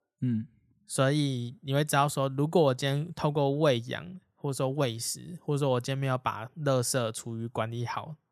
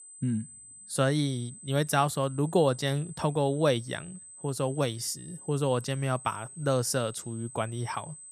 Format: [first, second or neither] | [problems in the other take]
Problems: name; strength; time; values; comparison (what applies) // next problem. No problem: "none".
first | high-pitched whine; noticeable; throughout; 8 kHz, 15 dB below the speech